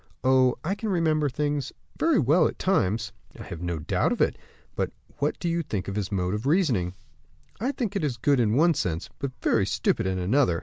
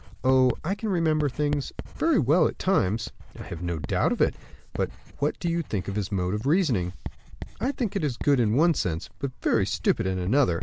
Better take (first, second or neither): first